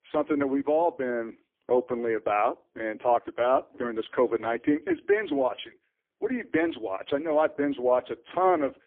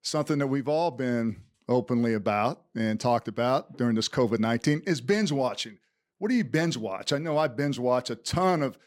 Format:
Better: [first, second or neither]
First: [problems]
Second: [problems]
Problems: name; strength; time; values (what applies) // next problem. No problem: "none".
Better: second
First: phone-call audio; poor line; nothing above 3.5 kHz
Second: none